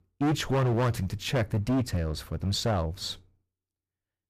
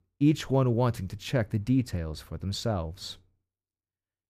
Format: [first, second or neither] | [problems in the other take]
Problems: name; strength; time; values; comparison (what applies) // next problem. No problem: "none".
second | distortion; heavy; 12% of the sound clipped